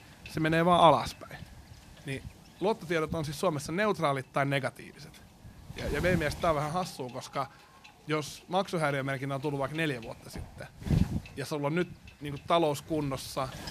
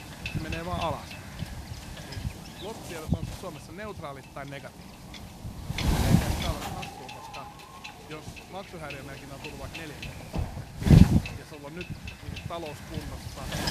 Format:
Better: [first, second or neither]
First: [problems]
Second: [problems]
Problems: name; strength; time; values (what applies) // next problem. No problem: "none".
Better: first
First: wind noise on the microphone; occasional gusts; 20 dB below the speech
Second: wind noise on the microphone; heavy; 3 dB above the speech